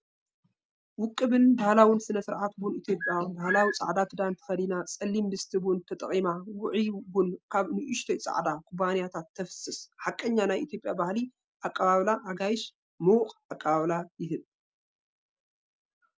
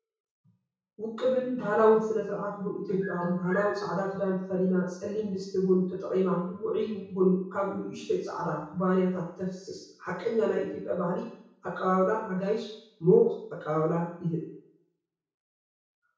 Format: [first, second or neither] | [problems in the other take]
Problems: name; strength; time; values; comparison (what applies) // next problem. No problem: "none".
first | room echo; dies away in 0.6 s